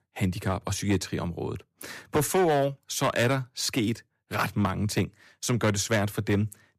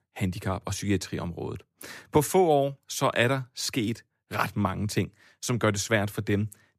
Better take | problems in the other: second | distortion; slight; 4% of the sound clipped

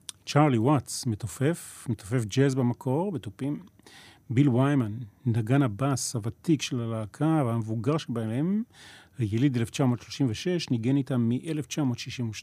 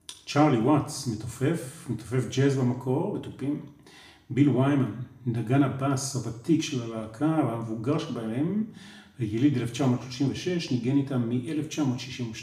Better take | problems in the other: first | room echo; slight; dies away in 0.6 s // off-mic speech; somewhat distant

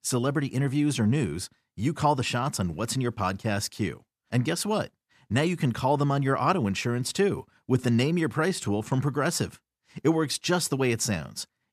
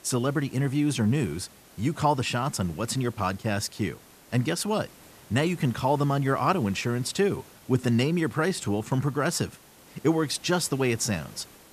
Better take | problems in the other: first | hiss; faint; throughout; 25 dB below the speech

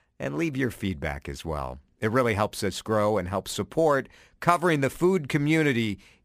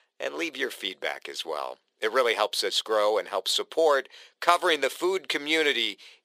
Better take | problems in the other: first | thin; very; fading below 400 Hz

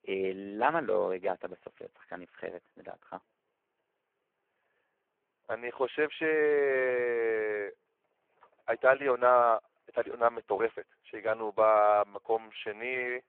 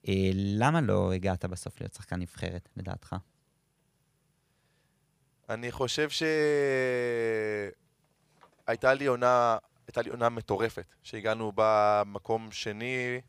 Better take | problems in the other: second | phone-call audio; poor line

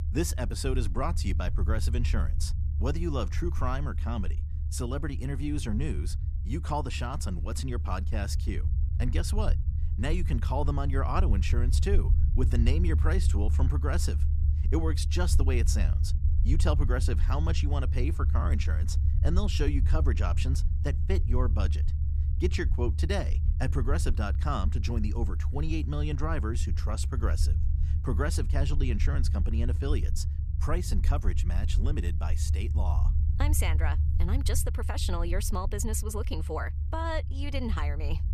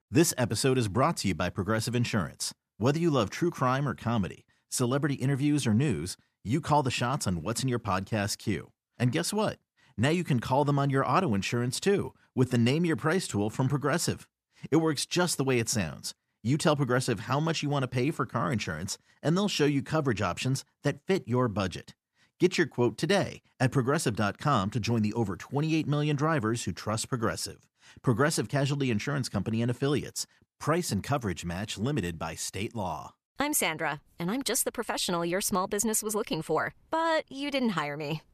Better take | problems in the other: second | low rumble; noticeable; throughout; 10 dB below the speech

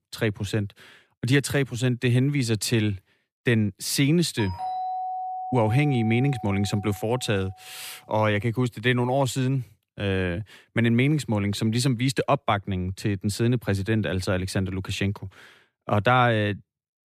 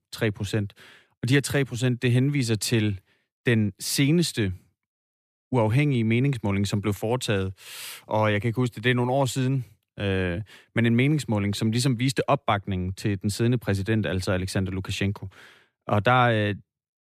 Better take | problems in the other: second | doorbell; noticeable; from 4.5 to 7.5 s; peak 5 dB below the speech

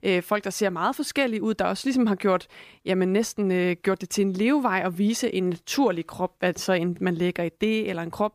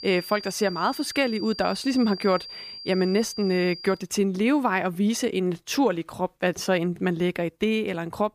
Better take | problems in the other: first | high-pitched whine; noticeable; until 4 s; 4.5 kHz, 10 dB below the speech

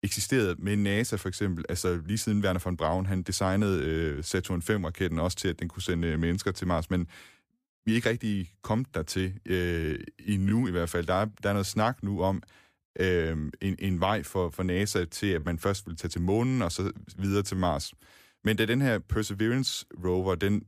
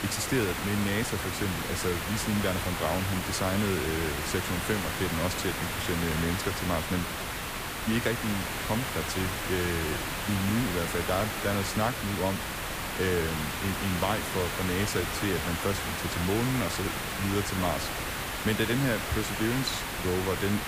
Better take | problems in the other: first | hiss; loud; throughout; 1 dB below the speech

